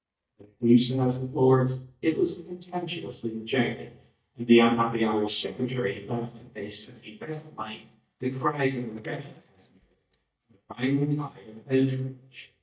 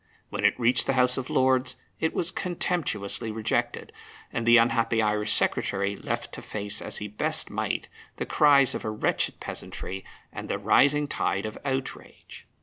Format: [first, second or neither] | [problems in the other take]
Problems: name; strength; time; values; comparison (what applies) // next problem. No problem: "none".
second | noise reduction (neural mask model DeepFilterNet 3)